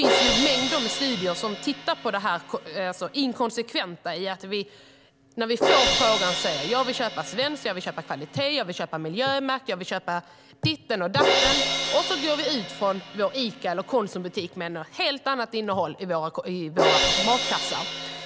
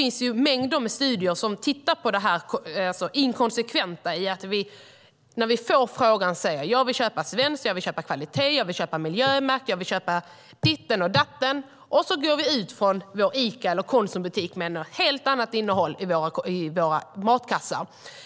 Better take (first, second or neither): second